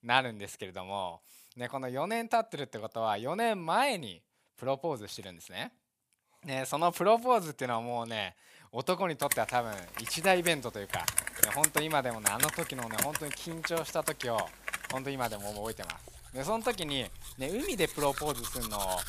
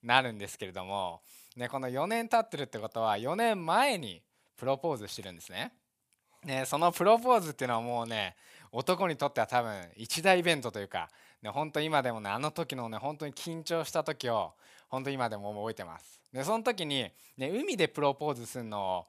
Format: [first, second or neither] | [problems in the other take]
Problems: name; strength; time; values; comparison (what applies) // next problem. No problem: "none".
second | household noises; loud; from 9.5 s on; 1 dB below the speech